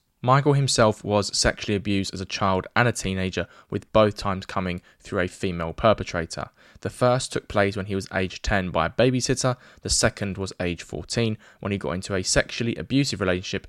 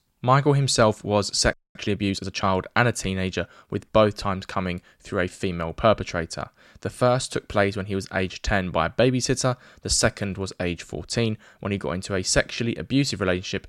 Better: first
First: none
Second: audio freezing; at 1.5 s

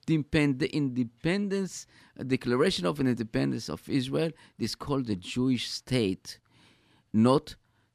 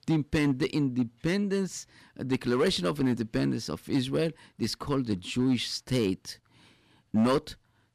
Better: first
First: none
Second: distortion; slight; 4% of the sound clipped

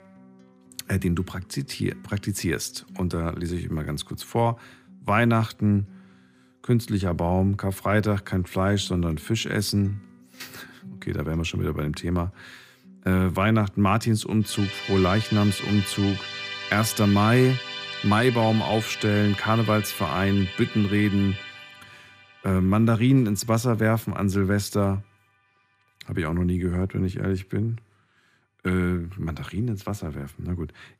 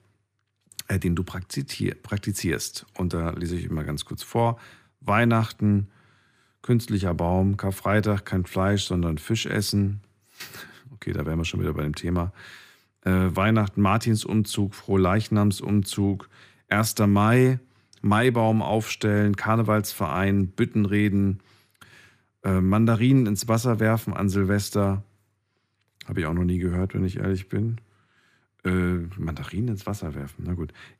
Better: second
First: background music; loud; throughout; 10 dB below the speech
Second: none

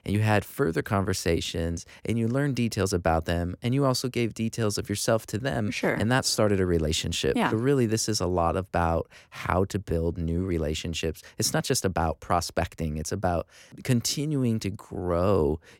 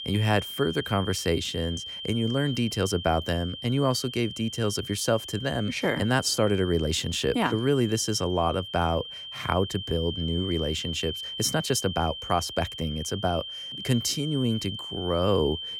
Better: first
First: none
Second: high-pitched whine; loud; throughout; 3 kHz, 8 dB below the speech

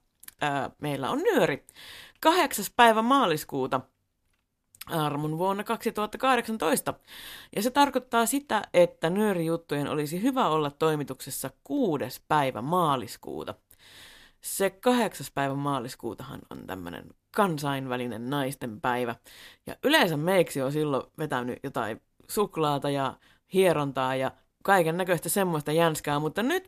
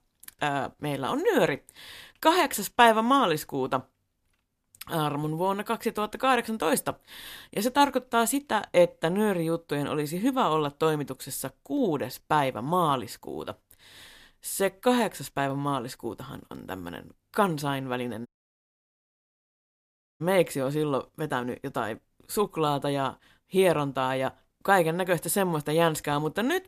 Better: first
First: none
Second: audio cutting out; at 18 s for 2 s

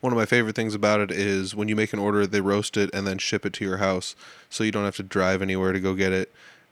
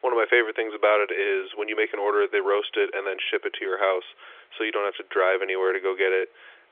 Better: first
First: none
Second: phone-call audio; nothing above 3.5 kHz

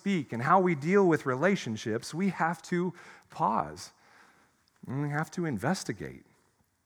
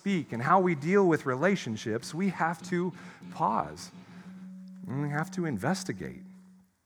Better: first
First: none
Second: background music; noticeable; throughout; 20 dB below the speech

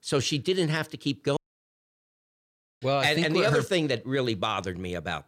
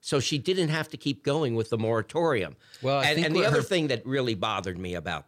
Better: second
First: audio cutting out; at 1.5 s for 1.5 s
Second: none

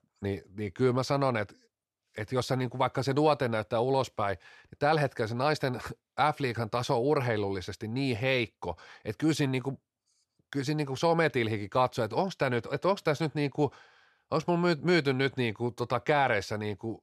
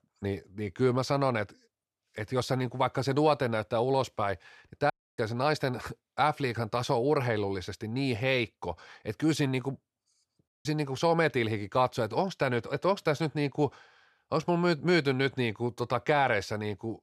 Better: first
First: none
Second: audio cutting out; at 5 s and at 10 s

